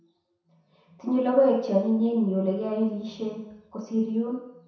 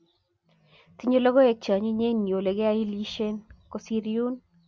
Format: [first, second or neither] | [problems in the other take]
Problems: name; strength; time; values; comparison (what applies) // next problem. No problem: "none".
second | room echo; dies away in 0.7 s